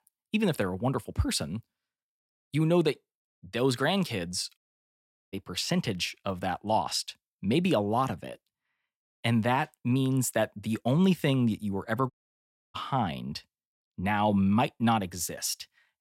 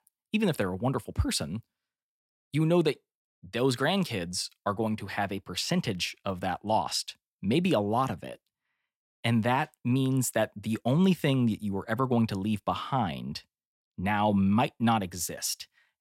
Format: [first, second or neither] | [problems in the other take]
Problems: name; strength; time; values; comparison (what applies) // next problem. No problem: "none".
second | audio cutting out; at 4.5 s for 0.5 s and at 12 s for 0.5 s